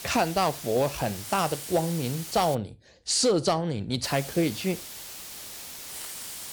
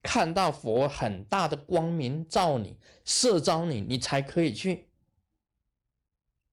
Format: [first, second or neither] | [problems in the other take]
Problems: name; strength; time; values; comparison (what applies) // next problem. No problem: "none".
second | hiss; noticeable; until 2.5 s and from 4 s on; 10 dB below the speech